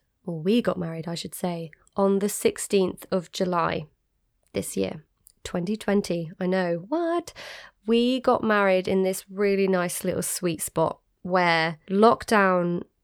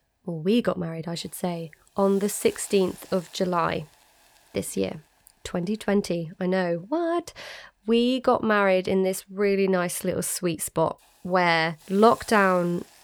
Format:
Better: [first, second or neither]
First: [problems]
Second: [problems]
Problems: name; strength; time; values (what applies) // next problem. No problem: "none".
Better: first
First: none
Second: hiss; faint; throughout; 25 dB below the speech